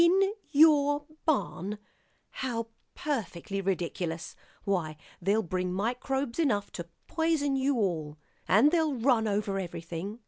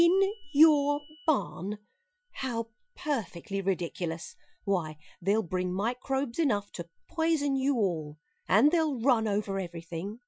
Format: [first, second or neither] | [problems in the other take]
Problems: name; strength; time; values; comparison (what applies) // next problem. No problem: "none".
first | noise reduction (classical method Wiener filter)